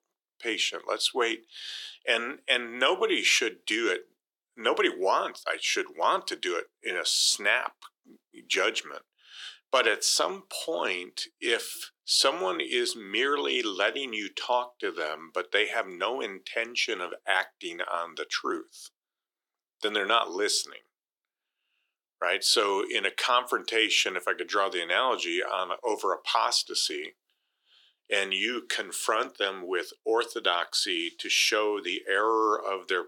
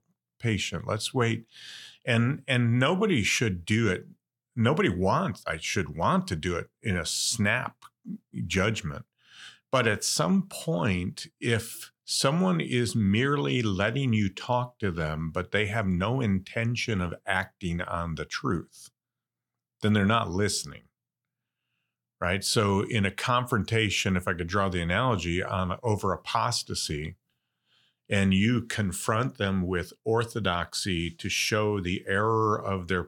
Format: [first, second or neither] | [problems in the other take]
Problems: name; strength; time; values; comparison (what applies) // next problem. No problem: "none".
second | thin; very; fading below 350 Hz